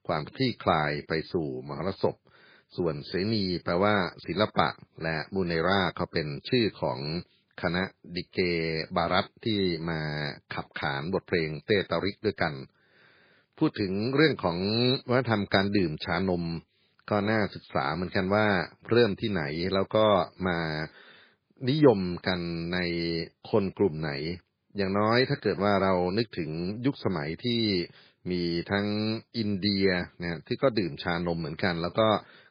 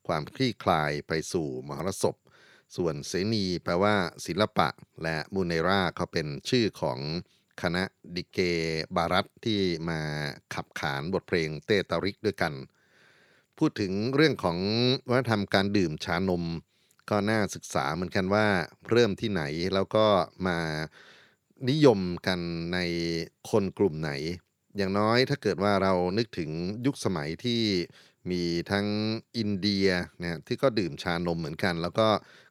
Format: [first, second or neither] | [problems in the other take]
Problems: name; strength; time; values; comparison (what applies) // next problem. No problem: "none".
second | garbled, watery; badly; nothing above 4.5 kHz